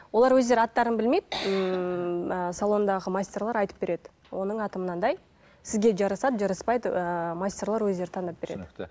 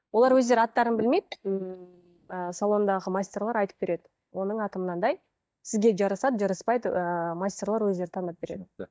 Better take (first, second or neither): first